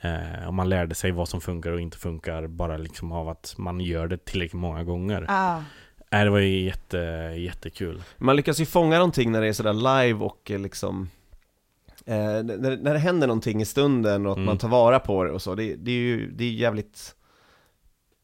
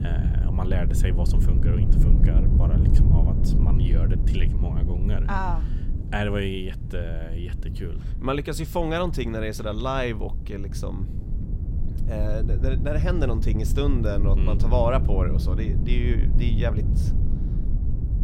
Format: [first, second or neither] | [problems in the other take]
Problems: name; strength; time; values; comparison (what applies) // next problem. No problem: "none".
first | low rumble; loud; throughout; 8 dB below the speech